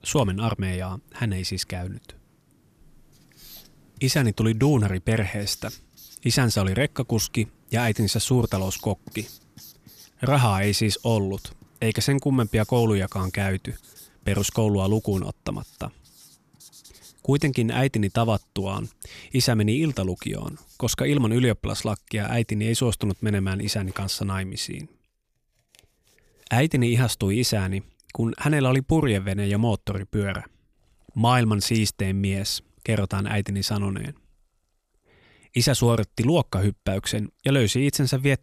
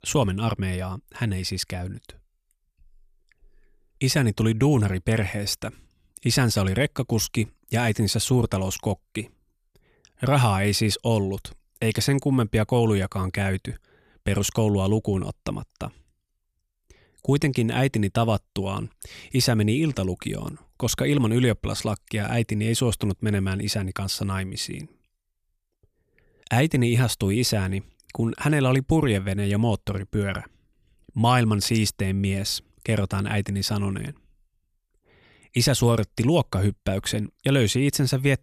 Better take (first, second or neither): second